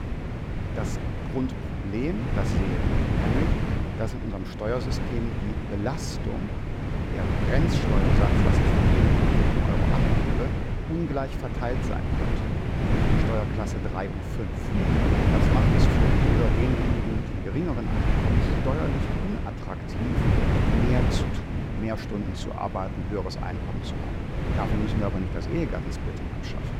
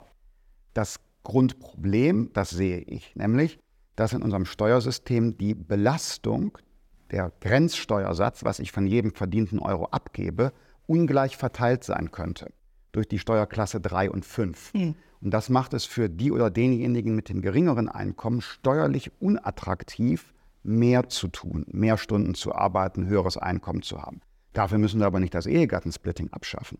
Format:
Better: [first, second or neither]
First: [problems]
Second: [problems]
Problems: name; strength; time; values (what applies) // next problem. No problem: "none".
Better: second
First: wind noise on the microphone; heavy; 3 dB above the speech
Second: none